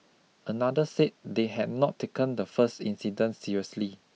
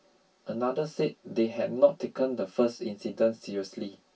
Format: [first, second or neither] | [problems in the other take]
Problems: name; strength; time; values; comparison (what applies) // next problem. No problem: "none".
first | room echo; dies away in 0.1 s